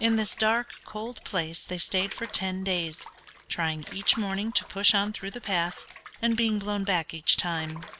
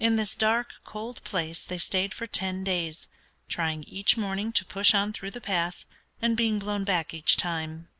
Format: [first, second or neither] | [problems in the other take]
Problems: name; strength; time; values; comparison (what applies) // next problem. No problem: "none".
second | background sound (Bathtub (filling or washing) / Water); 19 dB below the speech